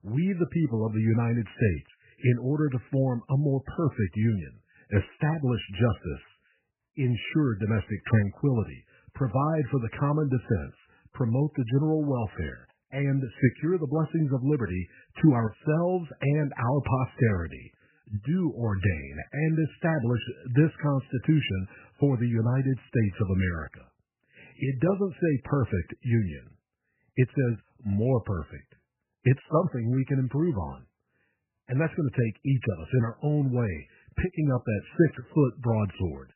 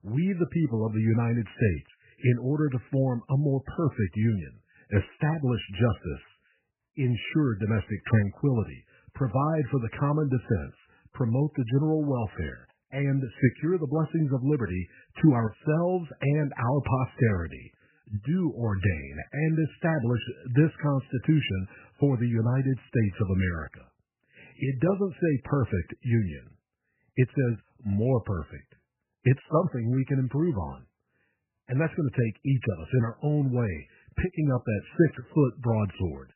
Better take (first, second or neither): neither